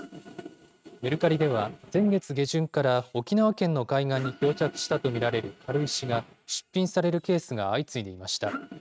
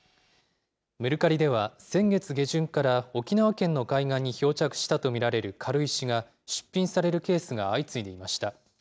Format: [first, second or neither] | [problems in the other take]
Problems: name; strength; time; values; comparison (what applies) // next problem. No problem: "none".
second | noise reduction (neural mask model RNNoise)